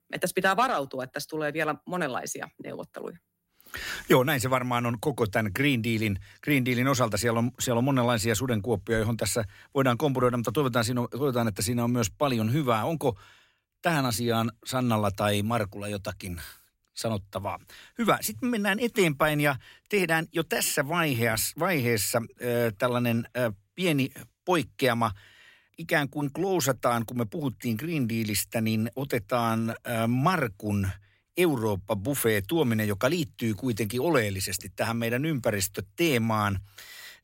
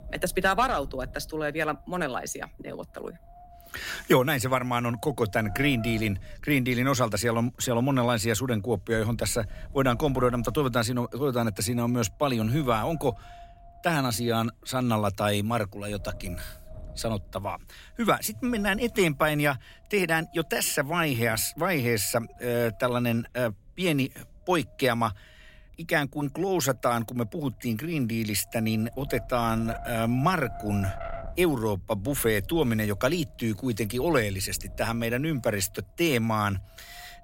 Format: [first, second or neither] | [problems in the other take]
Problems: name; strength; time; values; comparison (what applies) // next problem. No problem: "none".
first | wind noise on the microphone; occasional gusts; 20 dB below the speech